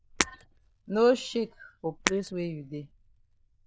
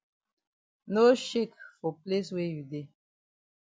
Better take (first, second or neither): second